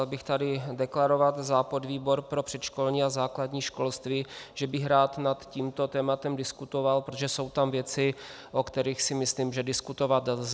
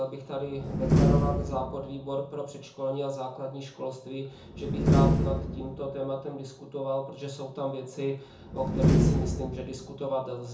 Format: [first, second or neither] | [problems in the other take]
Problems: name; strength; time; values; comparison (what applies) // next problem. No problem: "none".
first | background sound (Slam); 5 dB above the speech // room echo; dies away in 0.6 s